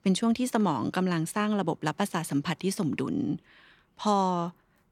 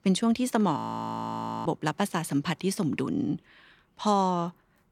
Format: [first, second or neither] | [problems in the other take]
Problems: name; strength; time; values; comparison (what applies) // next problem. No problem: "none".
first | audio freezing; at 1 s for 1 s